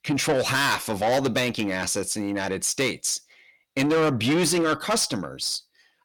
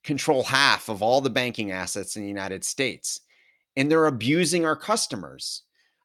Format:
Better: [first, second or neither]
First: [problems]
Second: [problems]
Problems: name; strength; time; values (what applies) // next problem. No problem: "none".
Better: second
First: distortion; heavy; 6 dB below the speech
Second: none